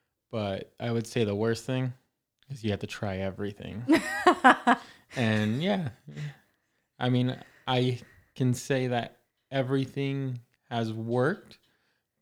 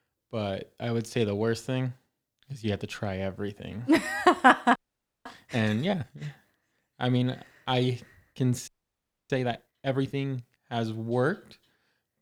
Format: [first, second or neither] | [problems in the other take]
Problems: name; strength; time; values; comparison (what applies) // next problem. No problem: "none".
first | audio freezing; at 5 s and at 8.5 s for 0.5 s